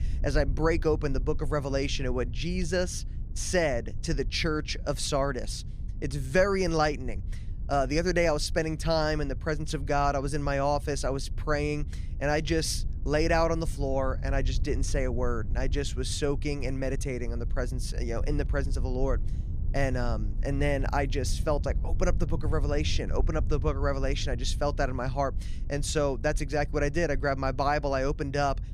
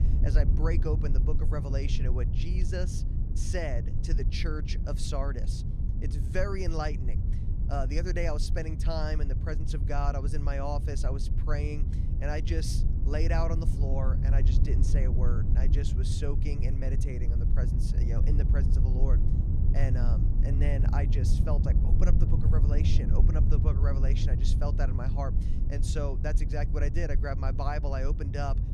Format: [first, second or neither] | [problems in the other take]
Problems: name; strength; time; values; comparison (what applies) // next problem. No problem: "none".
first | low rumble; loud; throughout; 6 dB below the speech; faint in the first